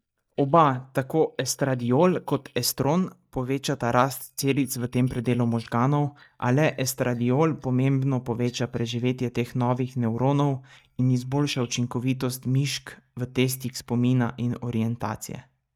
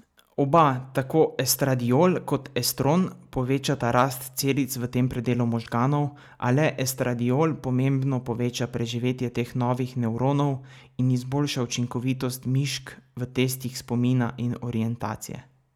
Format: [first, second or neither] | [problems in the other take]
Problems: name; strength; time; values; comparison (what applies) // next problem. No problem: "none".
second | noise reduction (neural mask model DeepFilterNet 3)